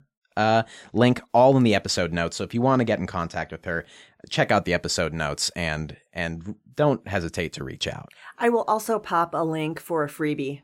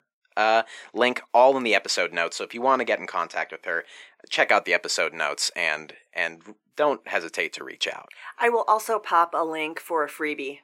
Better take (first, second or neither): first